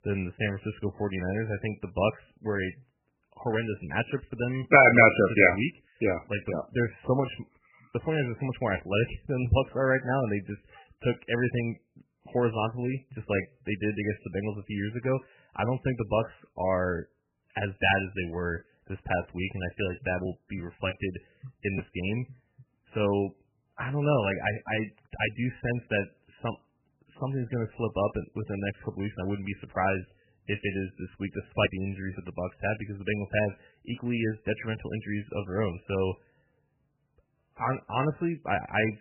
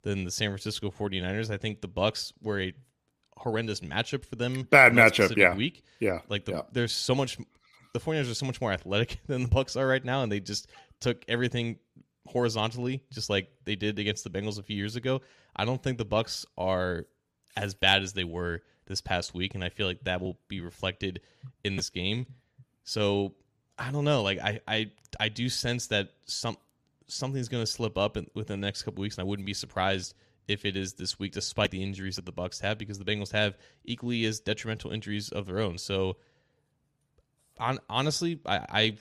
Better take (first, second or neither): second